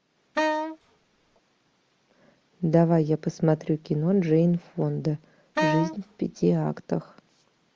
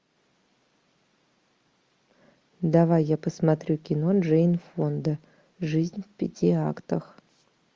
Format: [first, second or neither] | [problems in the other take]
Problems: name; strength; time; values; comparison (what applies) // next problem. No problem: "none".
second | background sound (Wind instrument, woodwind instrument); 3 dB below the speech